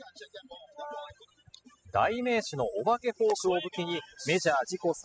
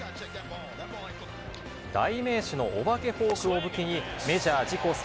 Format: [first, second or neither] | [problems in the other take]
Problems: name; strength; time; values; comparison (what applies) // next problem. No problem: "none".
second | noise reduction (classical method spectral subtraction)